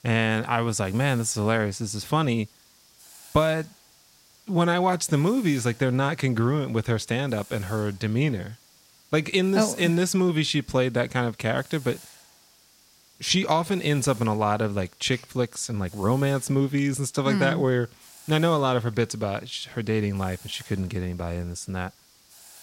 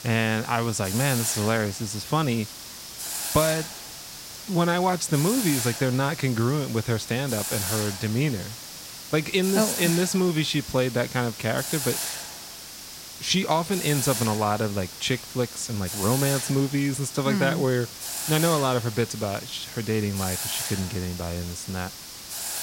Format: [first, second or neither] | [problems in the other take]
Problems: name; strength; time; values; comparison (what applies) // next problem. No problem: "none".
first | hiss; loud; throughout; 6 dB below the speech; faint in the first